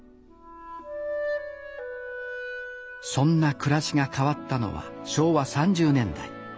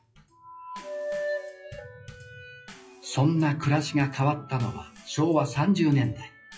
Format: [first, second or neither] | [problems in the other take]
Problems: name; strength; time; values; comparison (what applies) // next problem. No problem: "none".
first | noise reduction (classical method WPE with log-MMSE)